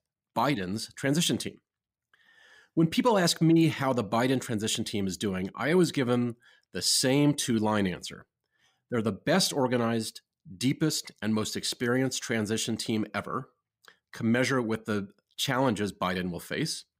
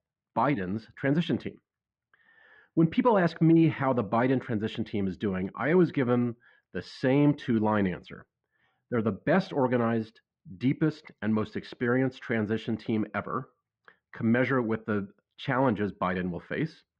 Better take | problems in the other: first | muffled; very; fading above 2 kHz

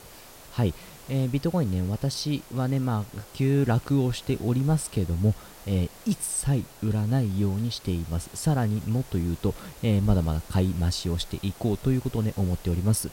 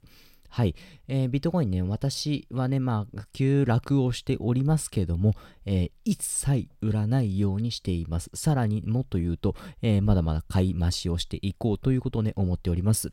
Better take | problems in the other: second | hiss; noticeable; throughout; 20 dB below the speech

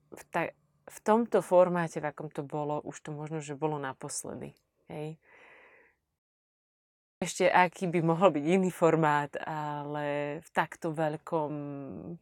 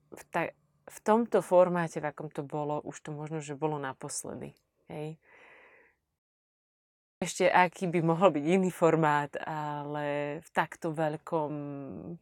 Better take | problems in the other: neither | audio cutting out; at 6 s for 1 s; the same in both

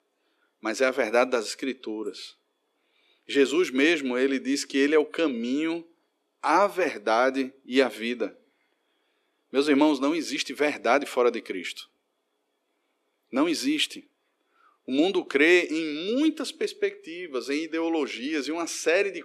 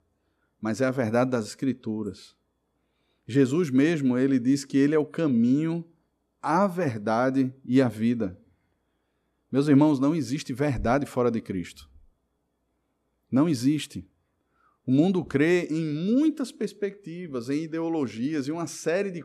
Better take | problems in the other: second | thin; somewhat; fading below 350 Hz

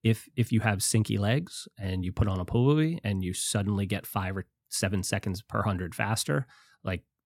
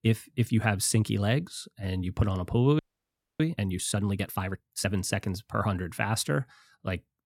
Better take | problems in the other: first | audio freezing; at 3 s for 0.5 s

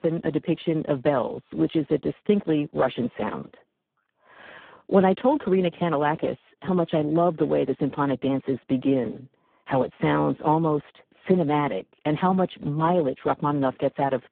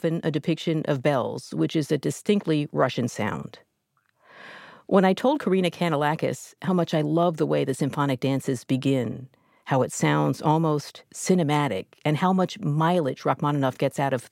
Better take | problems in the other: second | phone-call audio; poor line

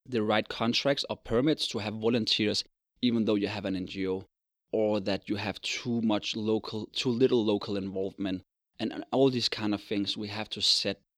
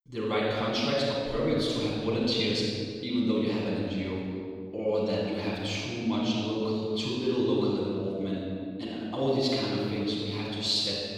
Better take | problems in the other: first | off-mic speech; far // room echo; strong; dies away in 1.8 s

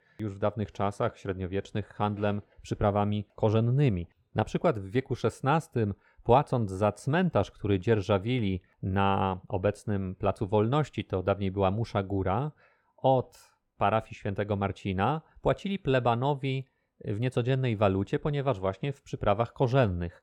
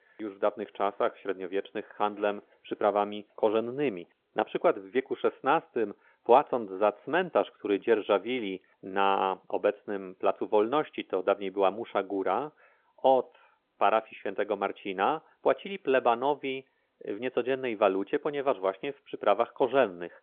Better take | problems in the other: first | phone-call audio; nothing above 3.5 kHz

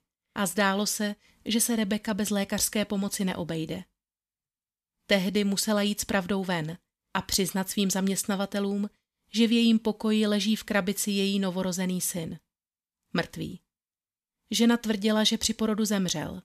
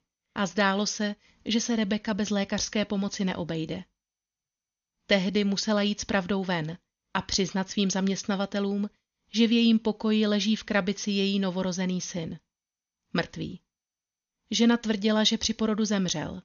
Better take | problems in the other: first | garbled, watery; slightly; nothing above 6.5 kHz

